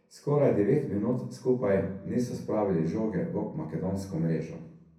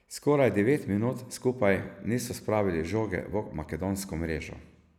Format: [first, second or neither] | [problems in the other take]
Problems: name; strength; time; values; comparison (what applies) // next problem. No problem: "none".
second | room echo; dies away in 0.6 s